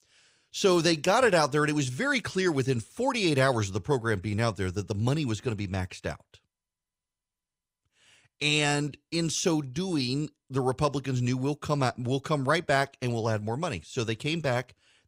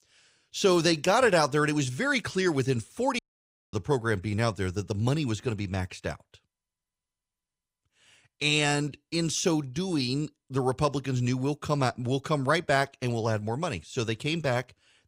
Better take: first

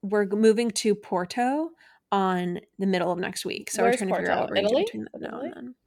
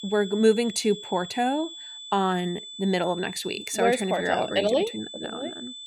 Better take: first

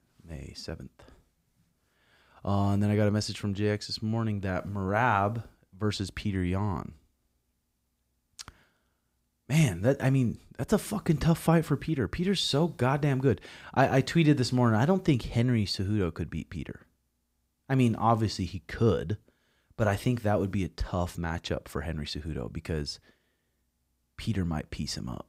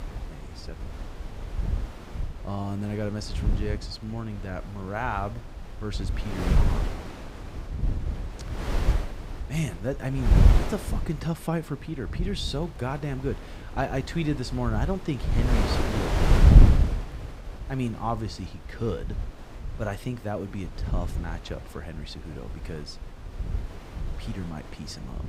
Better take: first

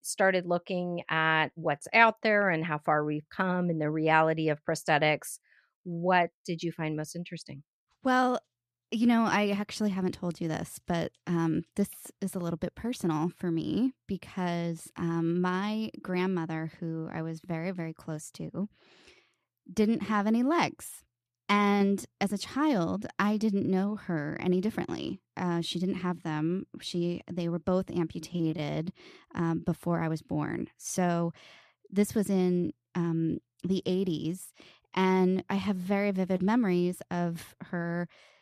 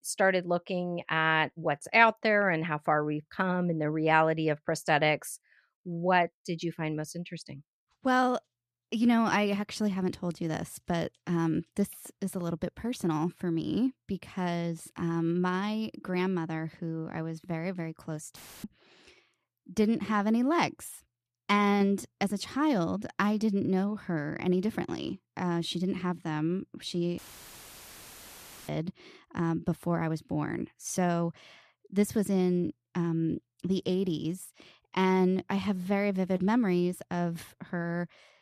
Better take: first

